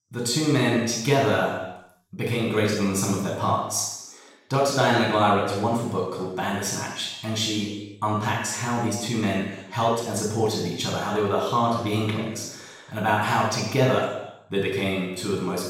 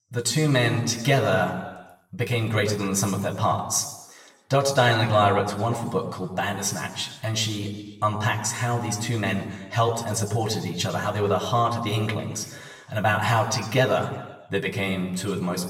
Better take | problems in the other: second | room echo; strong; dies away in 0.9 s; slight in the second // off-mic speech; far; somewhat distant in the second

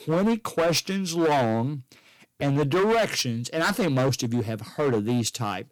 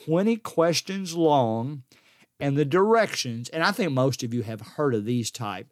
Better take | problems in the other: second | distortion; heavy; 14% of the sound clipped

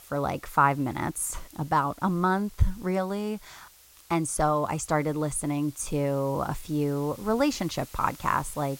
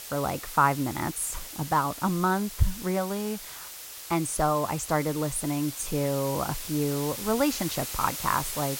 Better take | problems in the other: first | hiss; loud; throughout; 8 dB below the speech; faint in the first

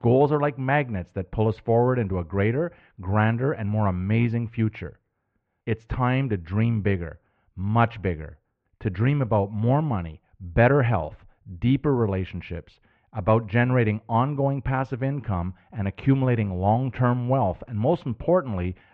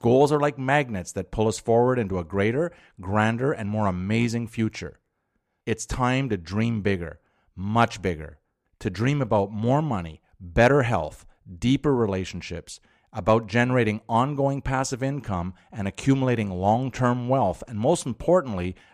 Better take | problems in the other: second | muffled; very; fading above 3 kHz

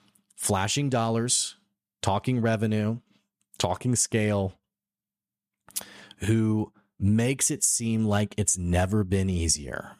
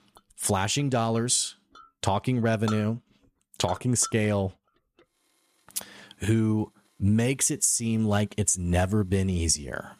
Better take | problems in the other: first | household noises; noticeable; throughout; 20 dB below the speech

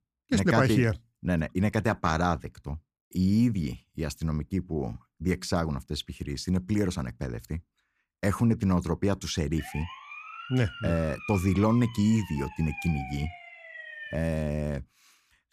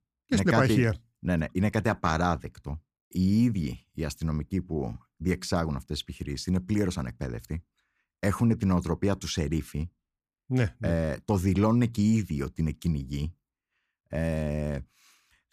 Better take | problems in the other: second | siren; noticeable; from 9.5 to 14 s; peak 9 dB below the speech

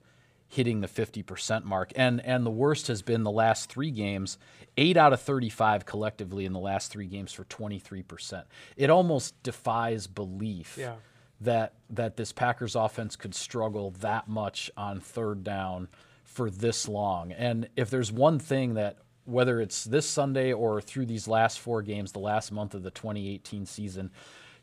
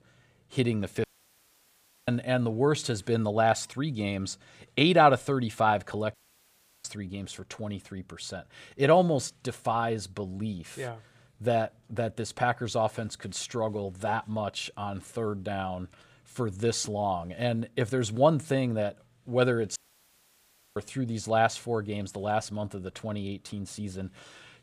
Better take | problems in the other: first | audio cutting out; at 1 s for 1 s, at 6 s for 0.5 s and at 20 s for 1 s

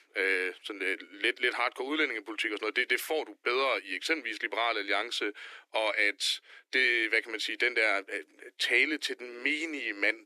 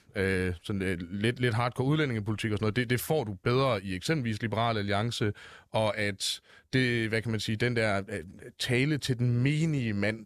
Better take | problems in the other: second | thin; very; fading below 300 Hz

